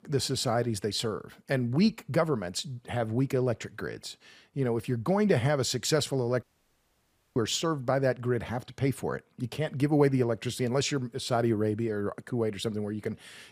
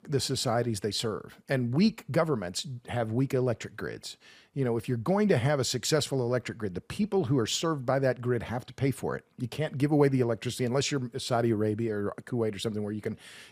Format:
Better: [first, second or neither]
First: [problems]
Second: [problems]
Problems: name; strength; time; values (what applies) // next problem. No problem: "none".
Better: second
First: audio cutting out; at 6.5 s for 1 s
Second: none